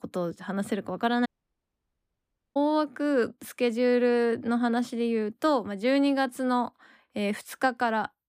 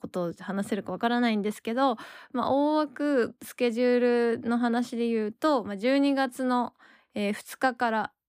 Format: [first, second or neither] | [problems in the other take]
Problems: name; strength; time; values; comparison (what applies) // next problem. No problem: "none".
second | audio cutting out; at 1.5 s for 1.5 s